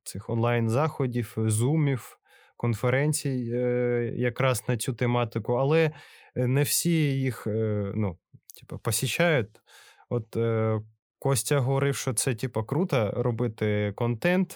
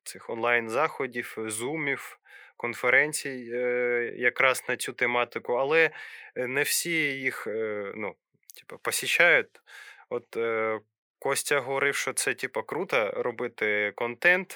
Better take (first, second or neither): first